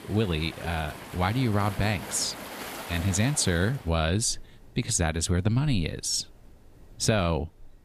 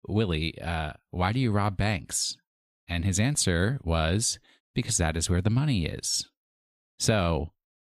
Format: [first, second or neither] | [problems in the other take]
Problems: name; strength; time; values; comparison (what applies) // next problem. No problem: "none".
second | rain or running water; noticeable; throughout; 15 dB below the speech